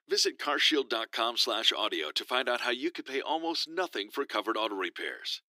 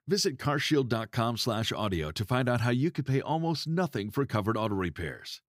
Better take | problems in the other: second | thin; very; fading below 300 Hz

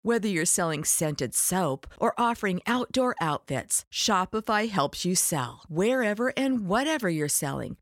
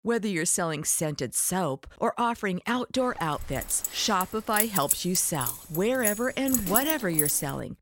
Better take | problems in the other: first | jangling keys; loud; from 3.5 s on; peak 3 dB above the speech

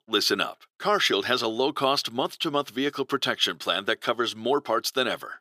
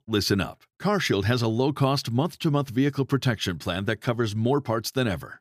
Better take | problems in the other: second | thin; somewhat; fading below 450 Hz

